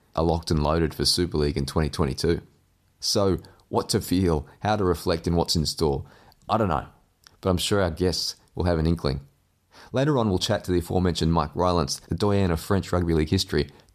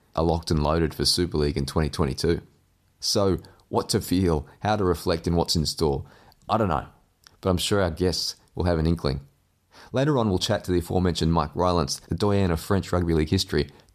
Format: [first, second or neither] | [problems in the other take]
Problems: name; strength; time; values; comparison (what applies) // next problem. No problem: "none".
neither | none